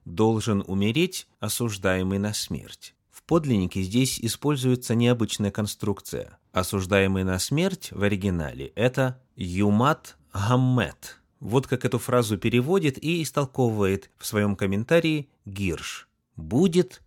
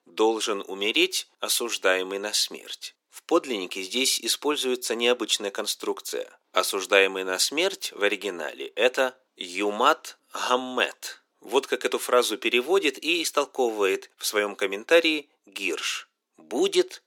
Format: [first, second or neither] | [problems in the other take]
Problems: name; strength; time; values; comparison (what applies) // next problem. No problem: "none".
first | thin; very; fading below 350 Hz